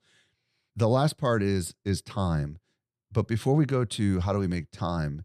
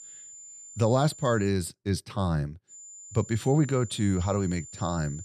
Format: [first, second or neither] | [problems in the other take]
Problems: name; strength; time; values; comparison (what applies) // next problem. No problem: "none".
first | high-pitched whine; noticeable; until 1.5 s and from 2.5 s on; 7 kHz, 15 dB below the speech